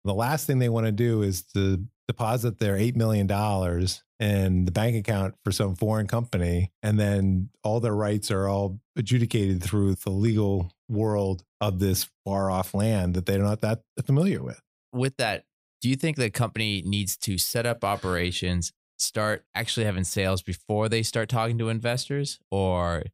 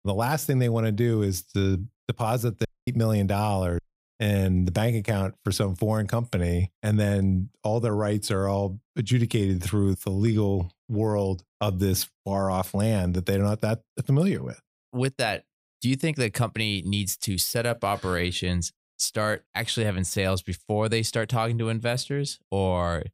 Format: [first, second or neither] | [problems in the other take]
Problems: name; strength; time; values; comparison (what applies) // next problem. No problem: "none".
first | audio cutting out; at 2.5 s and at 4 s